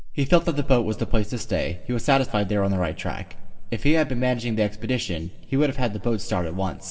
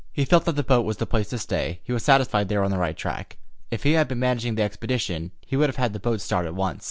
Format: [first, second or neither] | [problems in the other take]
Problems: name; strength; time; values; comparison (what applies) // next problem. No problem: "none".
second | room echo; dies away in 1.6 s